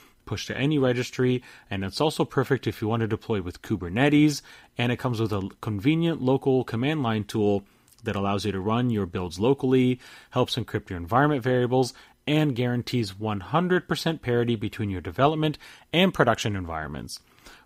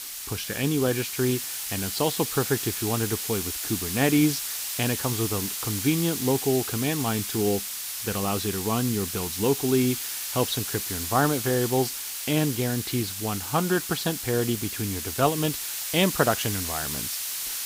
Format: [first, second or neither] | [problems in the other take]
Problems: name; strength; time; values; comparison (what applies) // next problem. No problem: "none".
first | hiss; loud; throughout; 3 dB below the speech